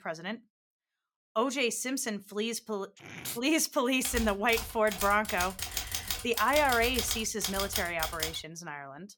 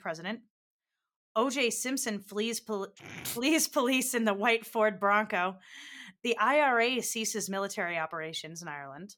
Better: second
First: keyboard typing; noticeable; from 4 to 8.5 s; peak 2 dB below the speech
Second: none

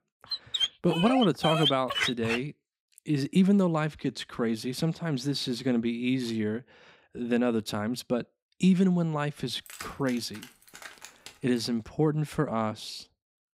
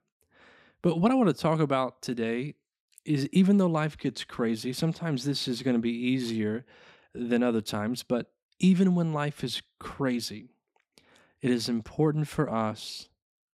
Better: second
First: dog barking; loud; until 2.5 s; peak 2 dB above the speech // jangling keys; faint; from 9.5 to 12 s; peak 15 dB below the speech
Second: none

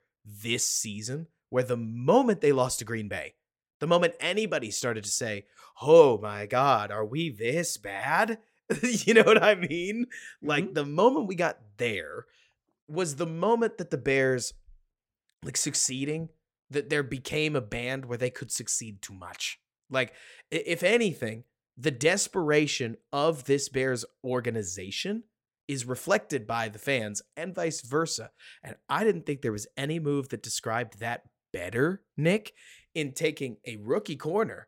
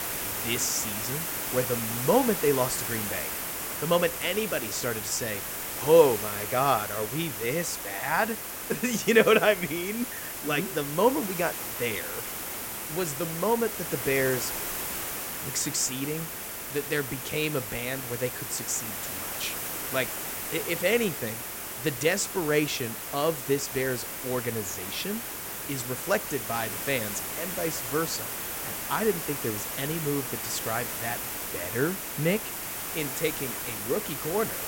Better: first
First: none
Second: hiss; loud; throughout; 3 dB below the speech

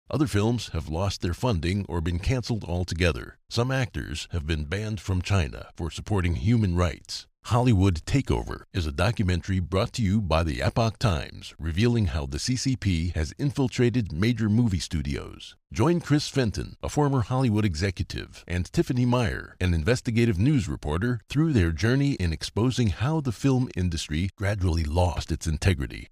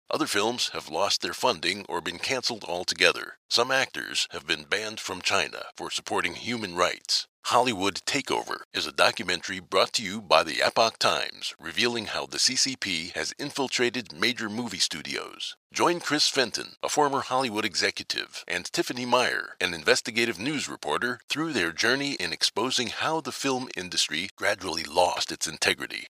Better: first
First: none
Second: thin; very; fading below 600 Hz

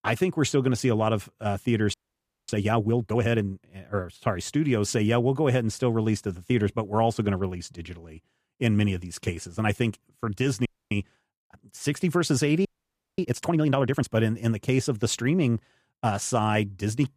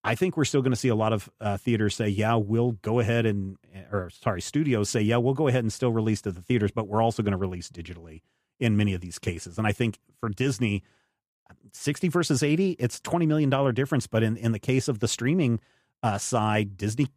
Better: second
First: audio freezing; at 2 s for 0.5 s, at 11 s and at 13 s for 0.5 s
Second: none

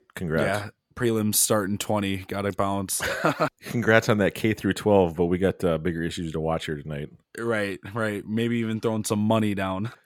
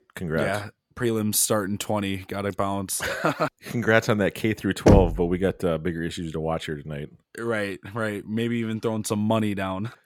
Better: first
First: none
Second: door banging; loud; at 5 s; peak 6 dB above the speech

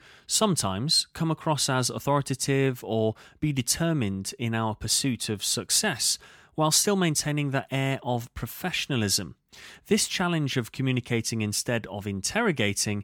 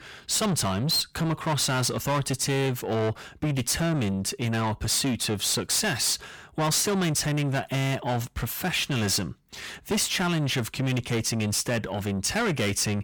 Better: first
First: none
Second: distortion; heavy; 7 dB below the speech

